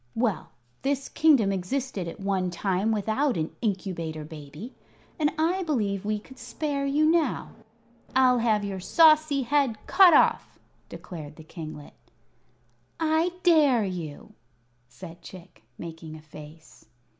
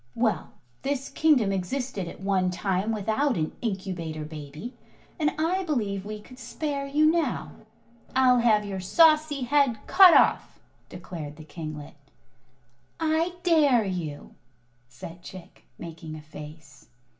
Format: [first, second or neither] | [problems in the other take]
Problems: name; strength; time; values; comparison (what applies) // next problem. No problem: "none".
first | room echo; dies away in 0.2 s